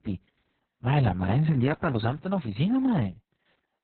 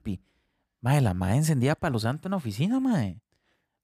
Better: second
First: garbled, watery; badly; nothing above 4 kHz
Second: none

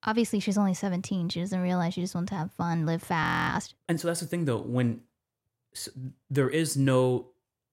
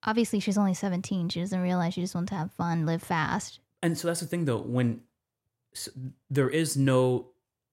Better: second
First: audio freezing; at 3 s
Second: none

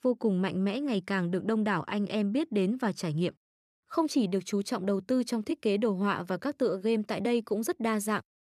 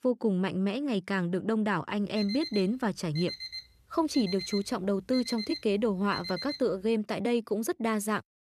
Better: first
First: none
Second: alarm; noticeable; from 2 to 6.5 s; peak 7 dB below the speech

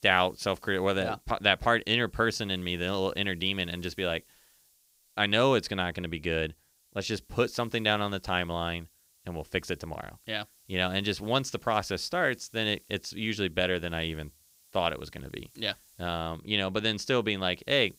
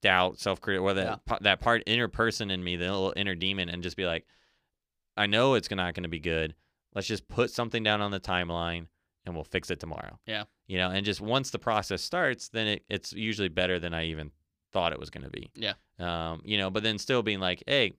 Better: second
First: hiss; faint; throughout; 30 dB below the speech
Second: none

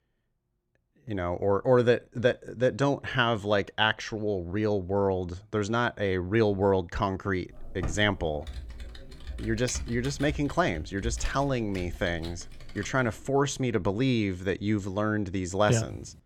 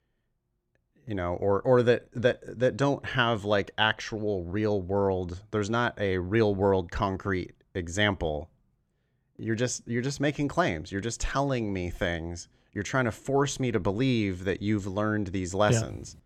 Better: second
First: keyboard typing; faint; from 7.5 to 13 s; peak 10 dB below the speech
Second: none

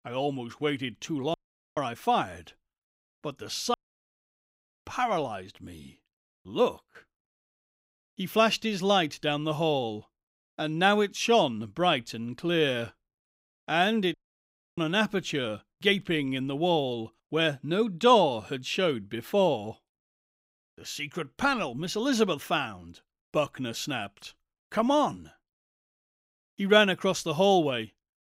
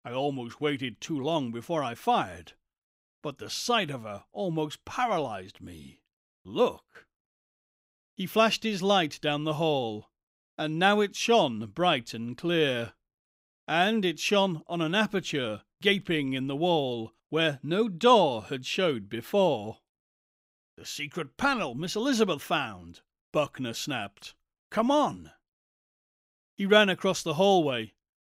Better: second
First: audio cutting out; at 1.5 s, at 3.5 s for 1 s and at 14 s for 0.5 s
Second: none

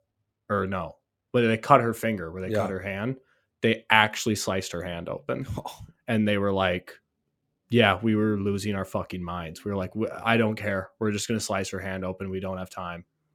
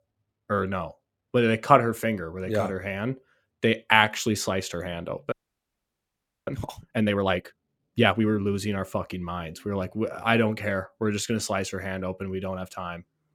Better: first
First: none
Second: audio freezing; at 5.5 s for 1 s

